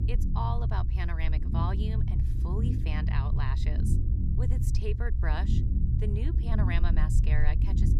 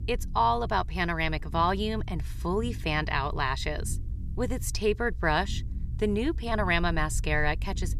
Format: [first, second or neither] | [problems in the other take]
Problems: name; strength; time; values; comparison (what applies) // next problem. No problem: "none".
second | low rumble; loud; throughout; 4 dB below the speech; faint in the second